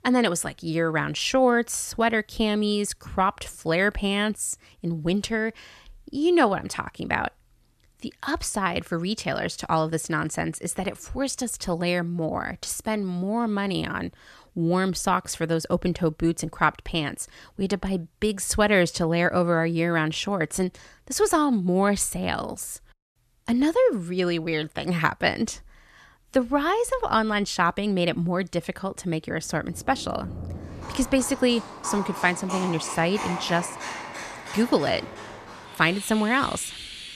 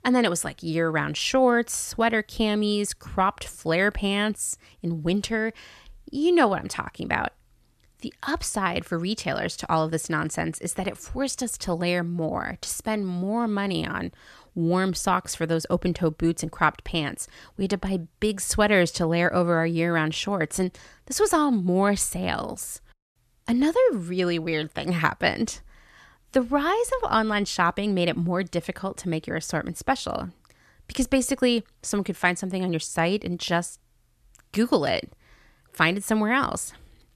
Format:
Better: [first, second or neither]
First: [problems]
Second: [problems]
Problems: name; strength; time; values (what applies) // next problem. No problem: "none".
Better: second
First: animal sounds; noticeable; from 30 s on; 10 dB below the speech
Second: none